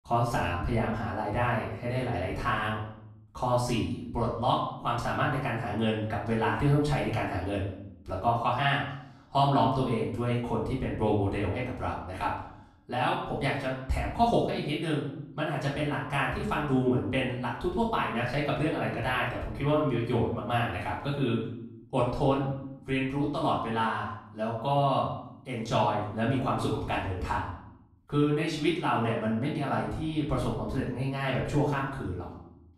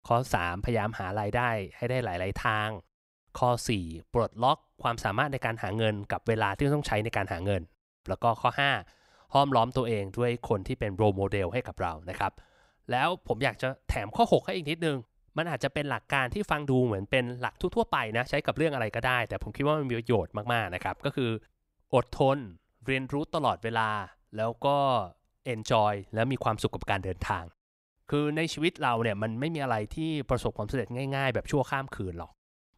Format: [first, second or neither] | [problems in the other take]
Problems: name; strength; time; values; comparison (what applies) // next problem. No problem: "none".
second | off-mic speech; far // room echo; noticeable; dies away in 0.7 s